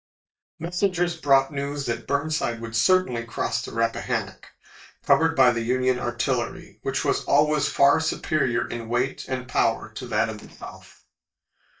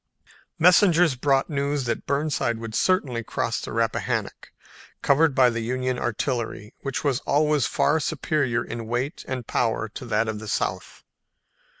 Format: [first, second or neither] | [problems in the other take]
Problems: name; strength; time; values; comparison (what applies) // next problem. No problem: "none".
second | noise reduction (neural mask model DeepFilterNet 3)